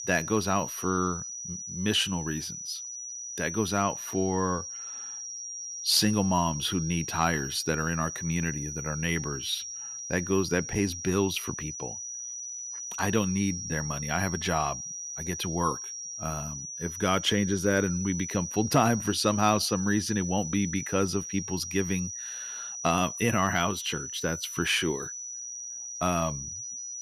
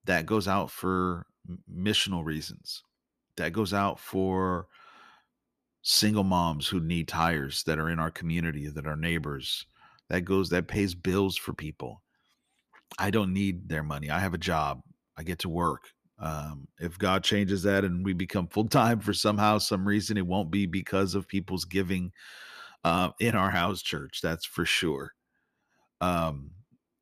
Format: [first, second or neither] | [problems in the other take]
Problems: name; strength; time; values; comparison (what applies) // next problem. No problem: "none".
second | high-pitched whine; loud; throughout; 5.5 kHz, 7 dB below the speech